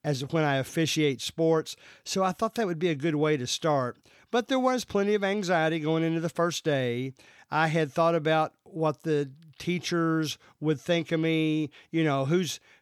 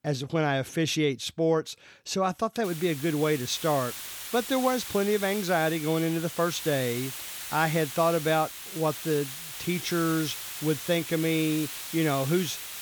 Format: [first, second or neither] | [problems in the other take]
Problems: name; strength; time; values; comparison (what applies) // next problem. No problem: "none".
first | hiss; loud; from 2.5 s on; 8 dB below the speech